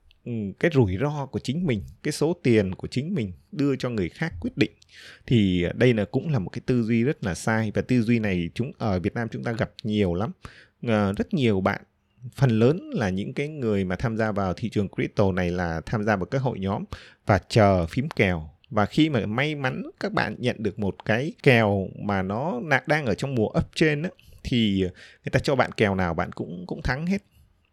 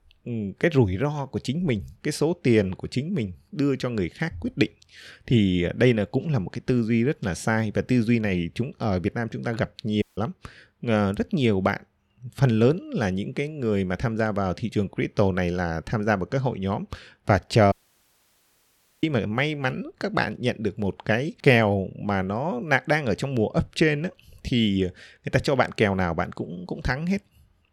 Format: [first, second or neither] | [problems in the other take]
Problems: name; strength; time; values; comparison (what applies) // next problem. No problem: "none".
first | audio cutting out; at 10 s and at 18 s for 1.5 s